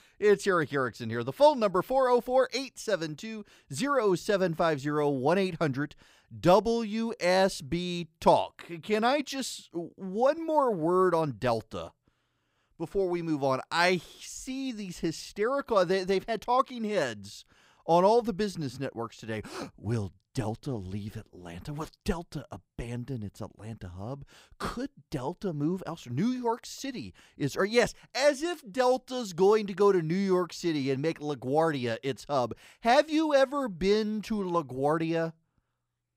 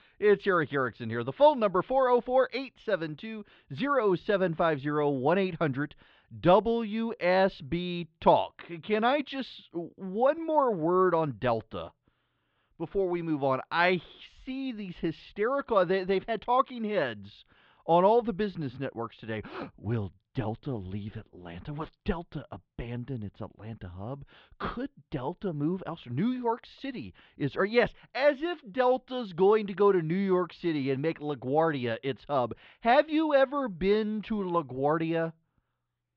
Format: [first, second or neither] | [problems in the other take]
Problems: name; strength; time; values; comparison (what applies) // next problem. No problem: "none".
first | muffled; slightly; fading above 3.5 kHz